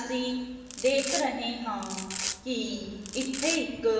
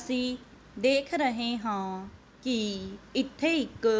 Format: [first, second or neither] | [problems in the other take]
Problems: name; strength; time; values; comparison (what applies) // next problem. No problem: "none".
second | background sound (Domestic sounds, home sounds); 7 dB below the speech // room echo; dies away in 1.1 s